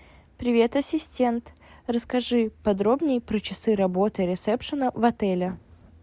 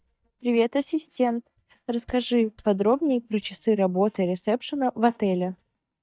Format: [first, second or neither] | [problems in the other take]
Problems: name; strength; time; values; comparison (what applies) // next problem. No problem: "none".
first | noise reduction (neural mask model DeepFilterNet 3)